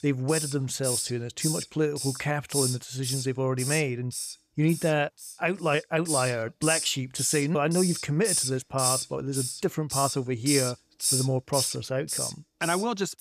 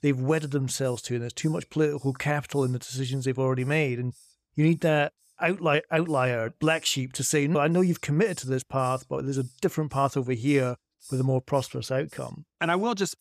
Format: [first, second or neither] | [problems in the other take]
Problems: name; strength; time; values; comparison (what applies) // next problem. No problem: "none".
second | hiss; loud; throughout; 2 dB below the speech; faint in the second